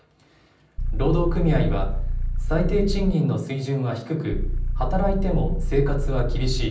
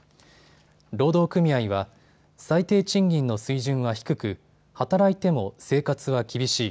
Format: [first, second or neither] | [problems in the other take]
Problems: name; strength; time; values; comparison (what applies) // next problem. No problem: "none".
second | background sound (Idling / Car); 2 dB above the speech // room echo; dies away in 0.6 s